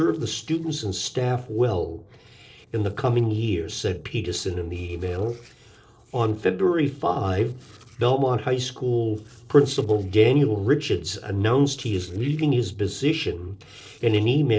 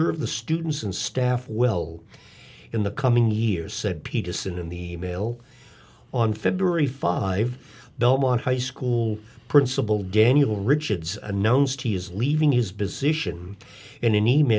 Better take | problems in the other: second | noise reduction (neural separator model SepFormer DNS4)

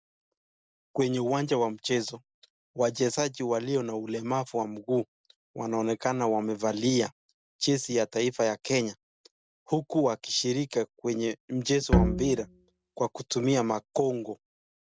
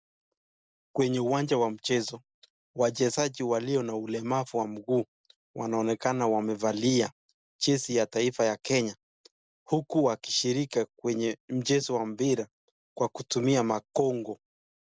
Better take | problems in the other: second | background sound (Bowed string instrument); 2 dB above the speech

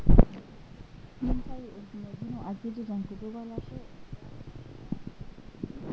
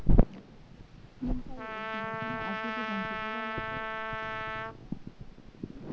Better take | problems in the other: first | background sound (Trumpet); 7 dB below the speech

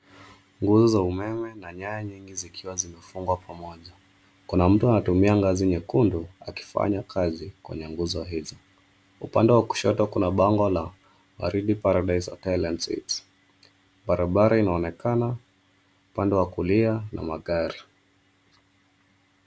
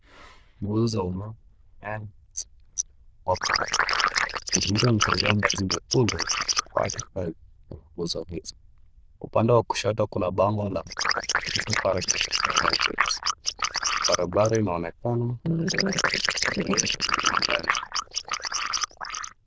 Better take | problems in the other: first | noise reduction (neural diffusion model UNIVERSE++)

